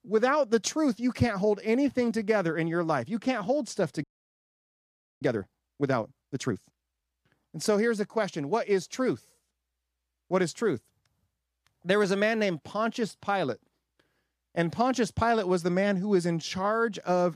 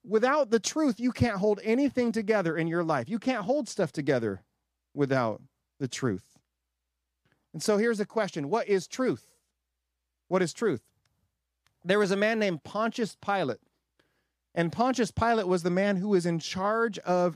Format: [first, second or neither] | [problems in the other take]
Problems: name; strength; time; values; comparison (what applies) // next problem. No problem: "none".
second | audio freezing; at 4 s for 1 s